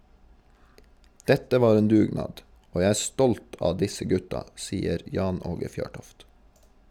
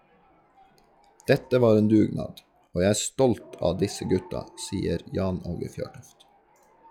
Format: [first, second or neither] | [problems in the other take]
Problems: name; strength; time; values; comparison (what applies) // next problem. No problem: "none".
first | noise reduction (classical method log-MMSE)